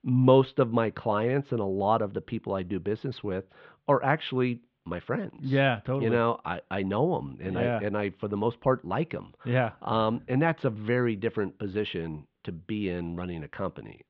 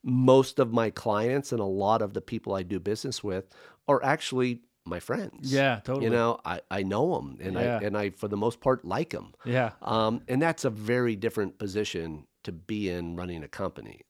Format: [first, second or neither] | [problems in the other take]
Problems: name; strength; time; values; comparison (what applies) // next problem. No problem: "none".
second | muffled; very; fading above 3.5 kHz